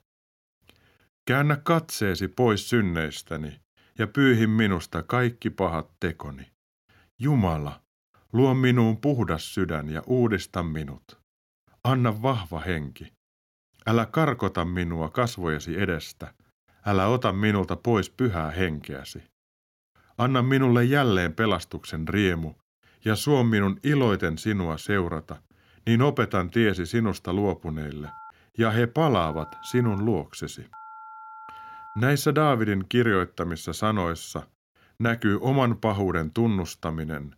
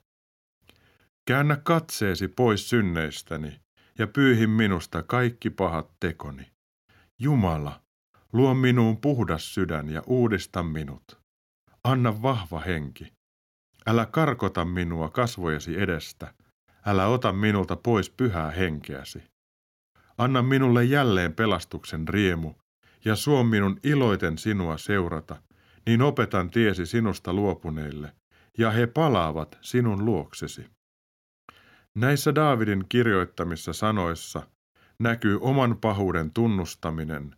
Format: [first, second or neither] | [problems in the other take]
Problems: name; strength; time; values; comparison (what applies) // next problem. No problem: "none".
second | phone ringing; faint; from 28 to 32 s; peak 15 dB below the speech